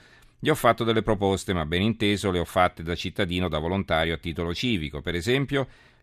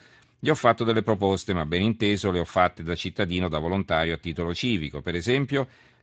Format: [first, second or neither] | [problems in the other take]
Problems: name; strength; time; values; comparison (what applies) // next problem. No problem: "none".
first | garbled, watery; slightly; nothing above 7.5 kHz